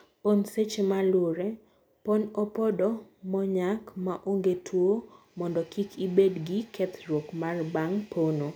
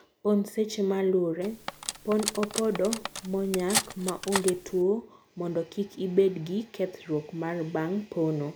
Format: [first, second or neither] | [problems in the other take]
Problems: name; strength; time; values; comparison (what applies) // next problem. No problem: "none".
first | background sound (Cutlery, silverware); 6 dB below the speech